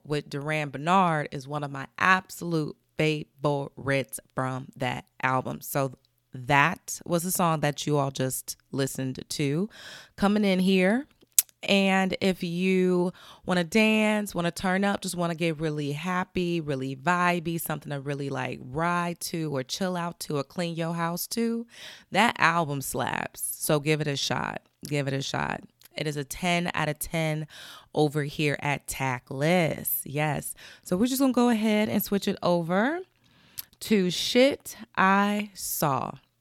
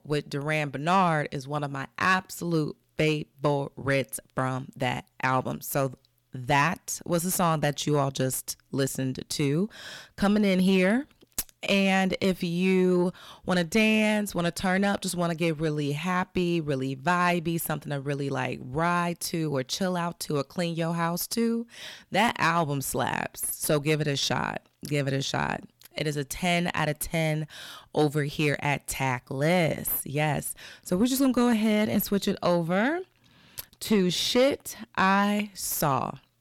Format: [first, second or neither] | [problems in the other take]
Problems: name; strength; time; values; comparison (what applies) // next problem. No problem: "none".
first | distortion; slight; 10 dB below the speech